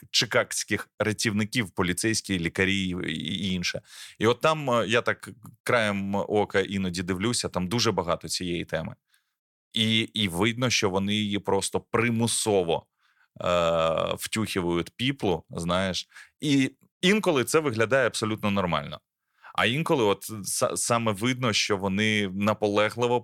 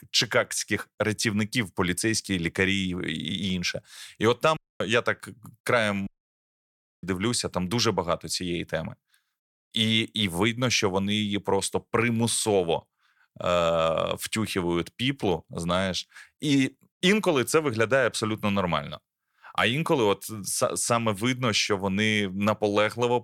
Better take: first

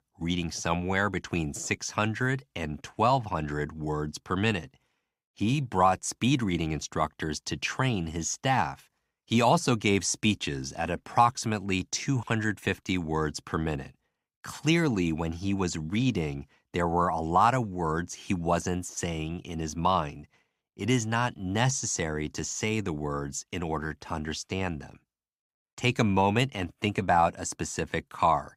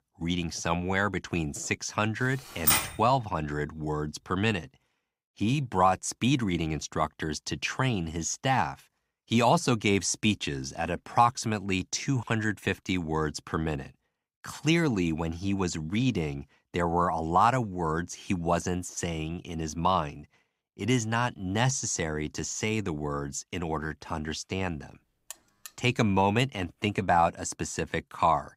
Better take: first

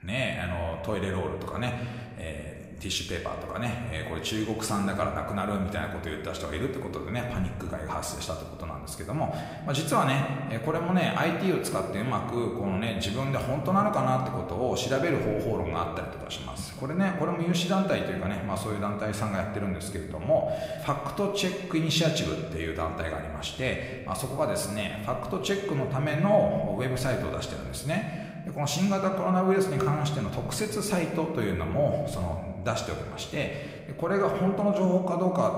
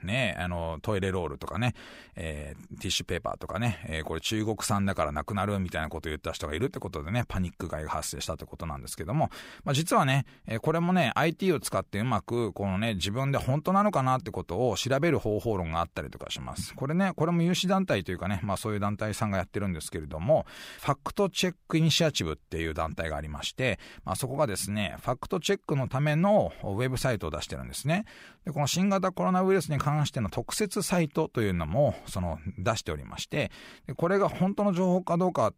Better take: second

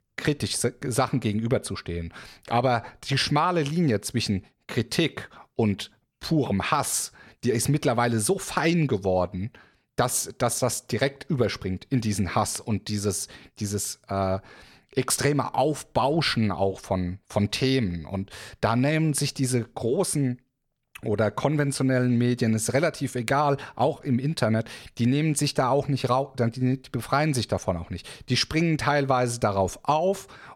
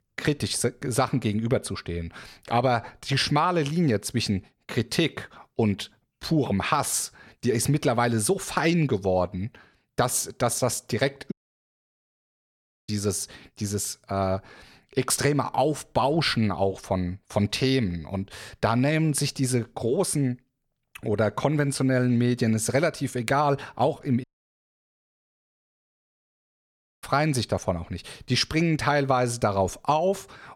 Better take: first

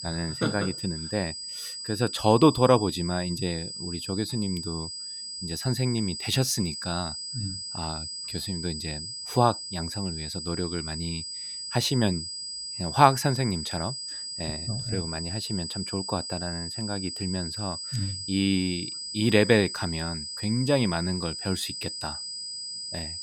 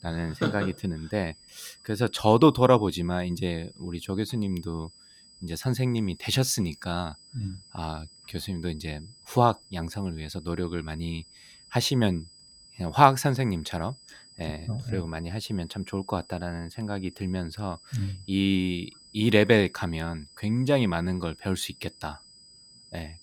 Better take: second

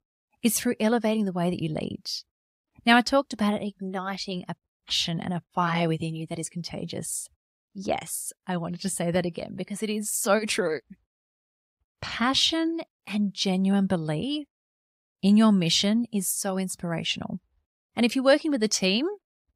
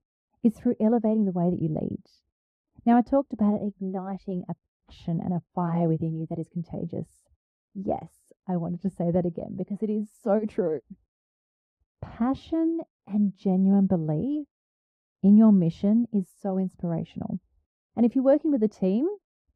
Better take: first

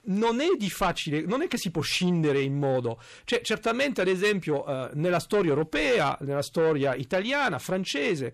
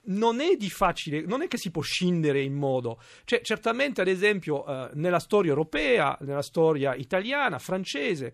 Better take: second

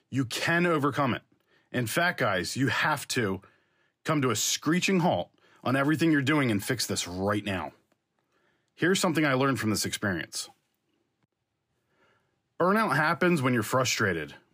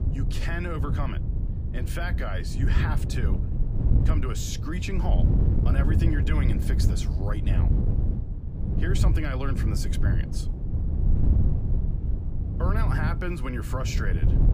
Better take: first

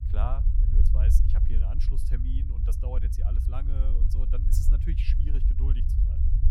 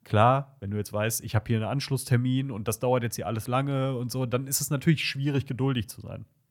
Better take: second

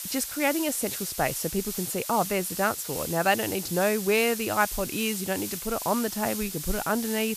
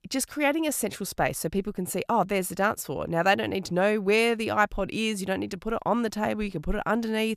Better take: second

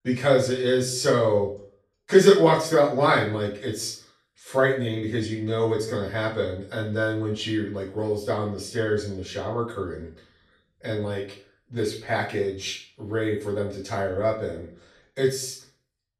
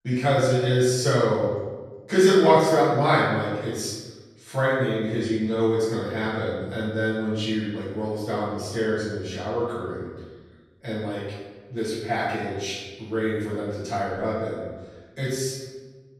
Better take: first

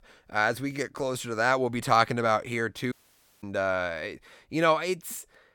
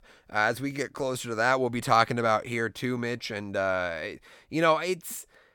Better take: second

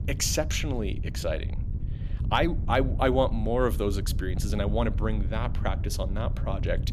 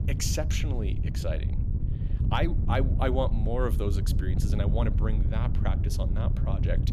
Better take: first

